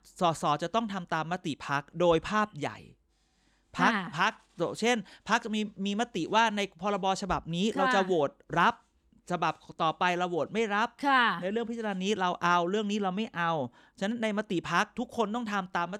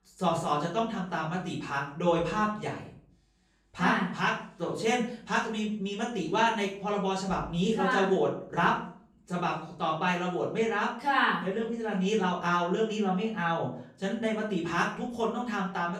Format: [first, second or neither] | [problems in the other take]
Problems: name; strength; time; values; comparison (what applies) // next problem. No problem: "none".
first | room echo; noticeable; dies away in 0.5 s // off-mic speech; far